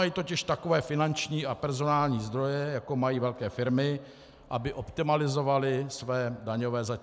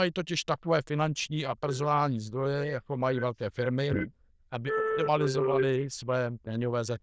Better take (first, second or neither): first